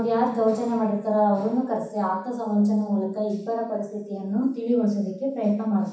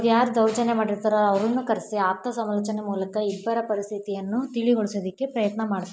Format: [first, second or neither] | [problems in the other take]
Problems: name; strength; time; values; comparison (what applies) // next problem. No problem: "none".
second | room echo; dies away in 0.7 s